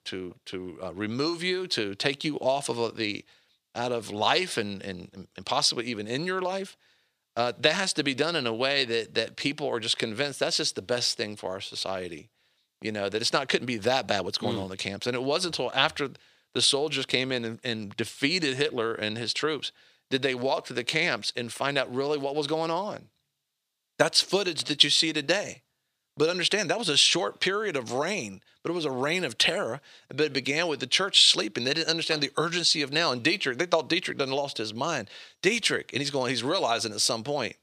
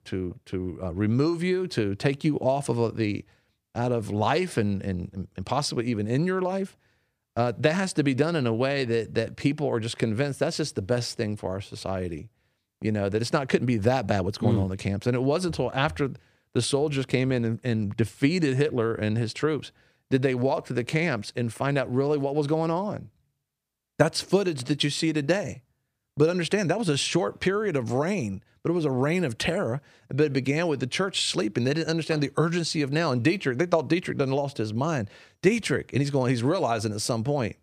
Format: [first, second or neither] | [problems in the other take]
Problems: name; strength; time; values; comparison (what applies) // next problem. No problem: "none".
second | thin; somewhat; fading below 1 kHz